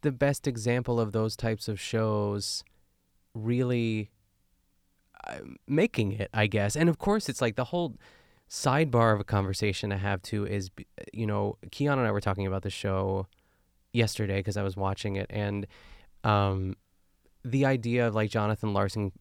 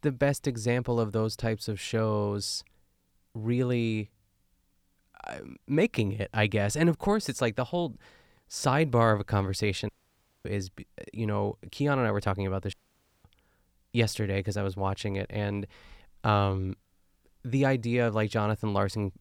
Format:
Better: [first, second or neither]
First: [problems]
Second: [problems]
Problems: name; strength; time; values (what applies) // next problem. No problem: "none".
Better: first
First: none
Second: audio cutting out; at 10 s for 0.5 s and at 13 s for 0.5 s